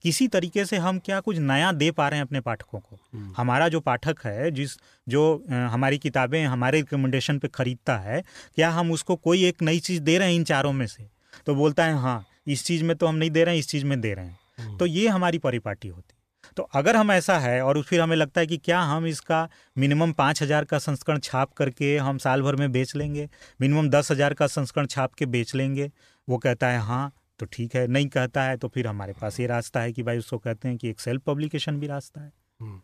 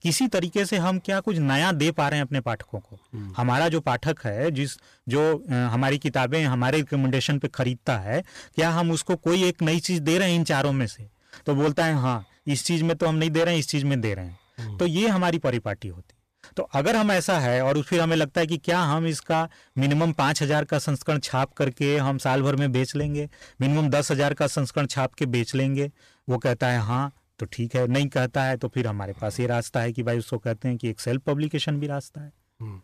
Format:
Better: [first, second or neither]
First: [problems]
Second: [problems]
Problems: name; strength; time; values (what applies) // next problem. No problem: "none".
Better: first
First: none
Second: distortion; slight; 10% of the sound clipped